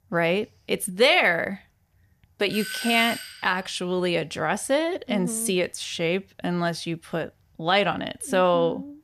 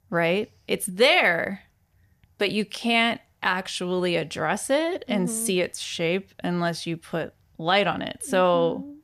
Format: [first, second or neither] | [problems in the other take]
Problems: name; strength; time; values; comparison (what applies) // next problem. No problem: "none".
second | doorbell; noticeable; from 2.5 to 3.5 s; peak 6 dB below the speech